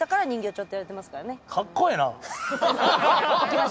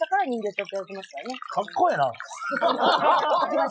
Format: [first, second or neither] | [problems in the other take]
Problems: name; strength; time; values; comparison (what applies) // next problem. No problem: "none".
first | noise reduction (classical method Wiener filter)